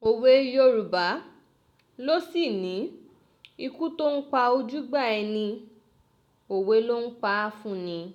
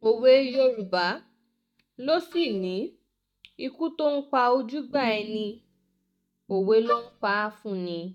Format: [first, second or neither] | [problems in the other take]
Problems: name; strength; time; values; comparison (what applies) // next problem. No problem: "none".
first | noise reduction (neural mask model DeepFilterNet 3)